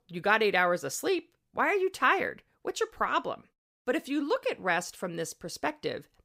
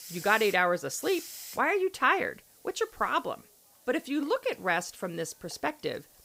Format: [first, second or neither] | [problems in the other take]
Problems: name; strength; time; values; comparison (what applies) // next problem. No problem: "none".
first | hiss; noticeable; throughout; 20 dB below the speech